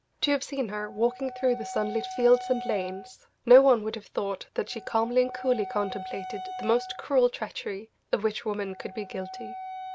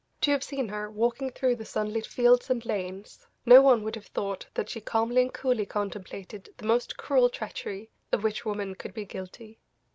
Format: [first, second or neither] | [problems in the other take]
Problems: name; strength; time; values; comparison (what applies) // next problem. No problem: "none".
second | background sound (Wind instrument, woodwind instrument); 13 dB below the speech